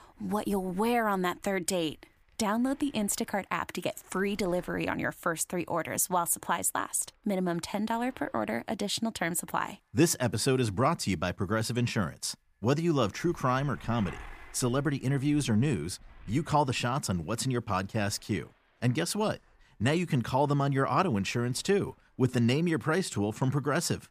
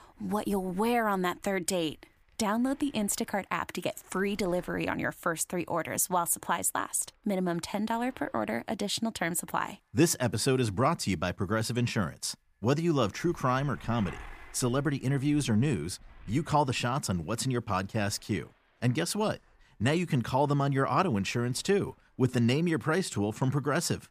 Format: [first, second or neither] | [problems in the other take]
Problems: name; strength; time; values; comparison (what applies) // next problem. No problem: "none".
neither | wind noise on the microphone; occasional gusts; 25 dB below the speech; the same in both